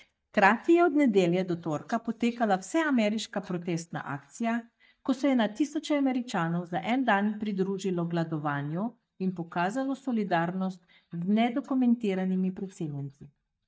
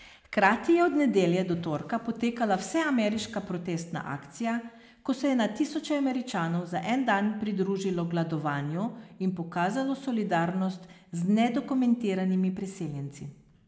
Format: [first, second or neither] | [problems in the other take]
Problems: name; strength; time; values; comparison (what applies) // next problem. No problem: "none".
second | noise reduction (neural mask model DeepFilterNet 3)